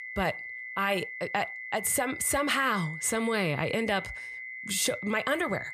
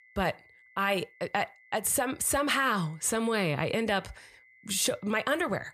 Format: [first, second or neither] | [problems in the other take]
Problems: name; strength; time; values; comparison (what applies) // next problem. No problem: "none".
second | high-pitched whine; loud; throughout; 2 kHz, 9 dB below the speech; faint in the second